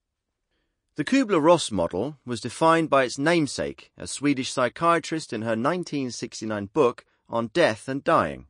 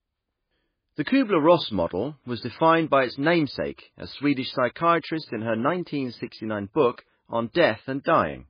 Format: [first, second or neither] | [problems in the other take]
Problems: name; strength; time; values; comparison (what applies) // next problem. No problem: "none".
first | garbled, watery; badly; nothing above 4.5 kHz; slightly in the first